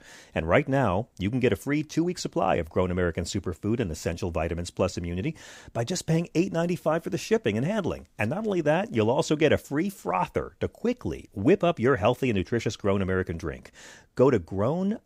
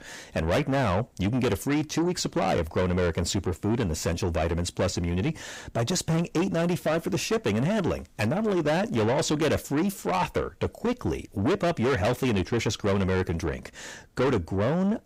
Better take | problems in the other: first | distortion; heavy; 6 dB below the speech

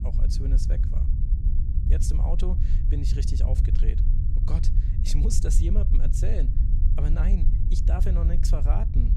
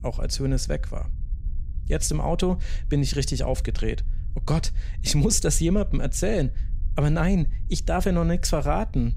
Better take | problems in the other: second | low rumble; loud; throughout; 4 dB below the speech; faint in the second

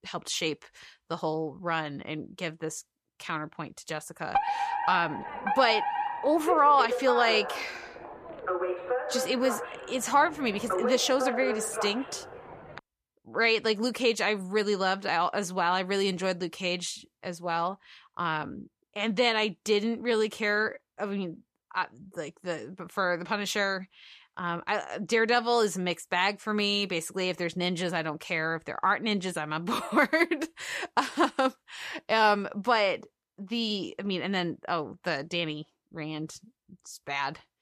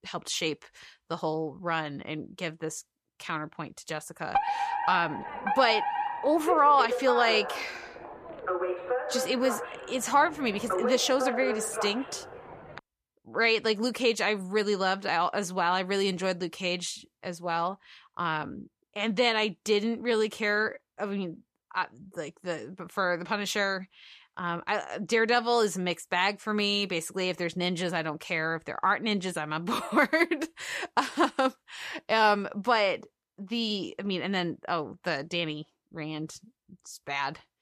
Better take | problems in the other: neither | alarm; loud; from 4.5 to 13 s; peak level with the speech; the same in both

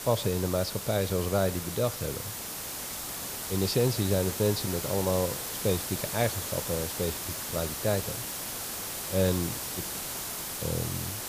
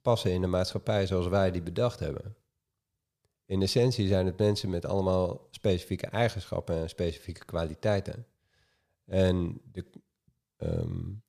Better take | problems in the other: second | hiss; loud; throughout; 3 dB below the speech

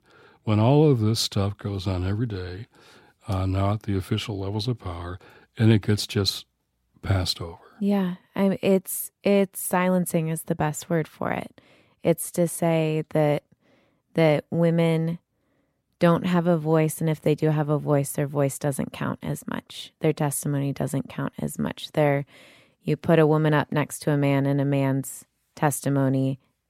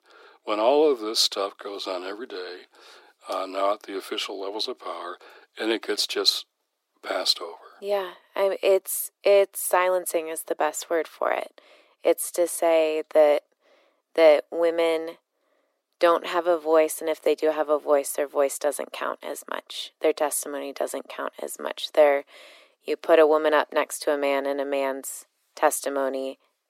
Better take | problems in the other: first | thin; very; fading below 350 Hz

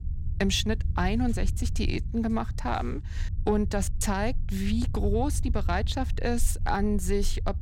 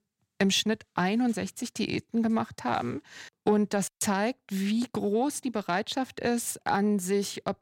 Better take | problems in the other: second | low rumble; noticeable; throughout; 20 dB below the speech

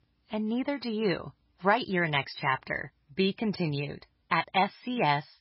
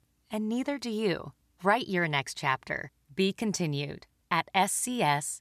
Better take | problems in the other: second | garbled, watery; badly; nothing above 5.5 kHz

